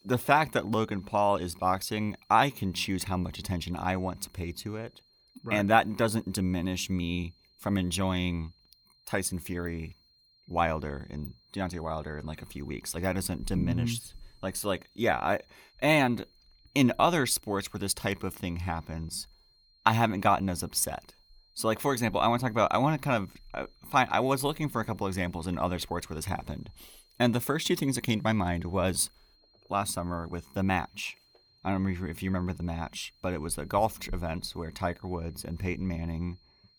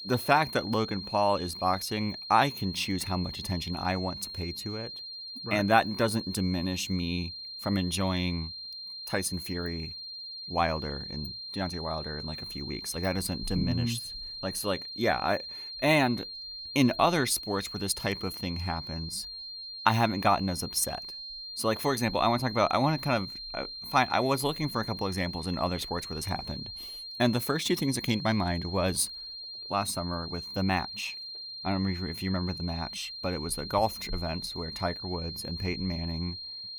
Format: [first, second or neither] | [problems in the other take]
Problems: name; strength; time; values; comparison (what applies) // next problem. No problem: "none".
first | high-pitched whine; loud; throughout; 4 kHz, 8 dB below the speech; faint in the first